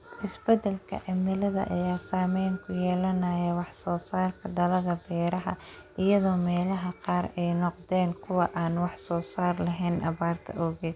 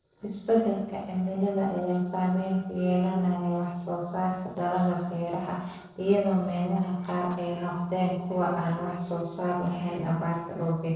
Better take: first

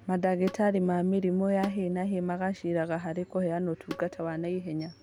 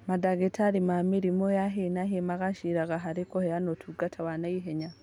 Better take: second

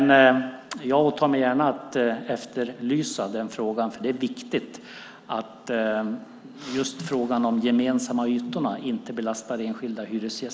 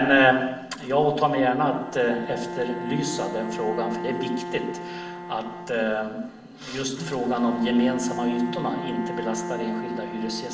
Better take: first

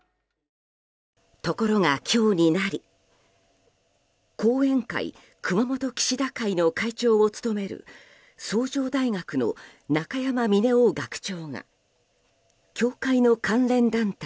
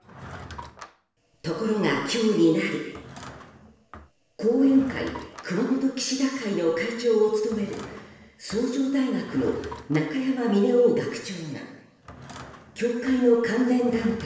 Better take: first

